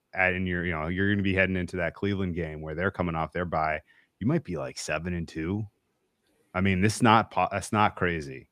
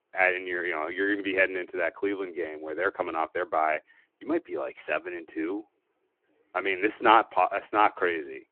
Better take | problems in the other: first | phone-call audio

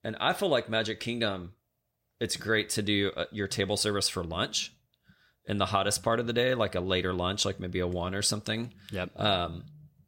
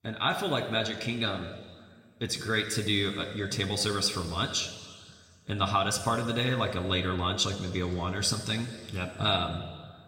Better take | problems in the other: first | room echo; slight; dies away in 1.8 s

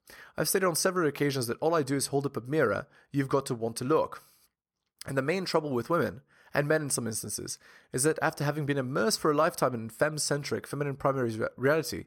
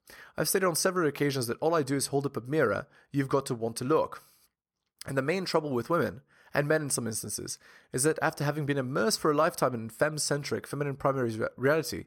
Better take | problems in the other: neither | none

